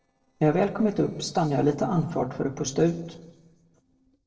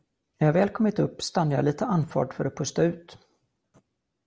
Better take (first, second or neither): second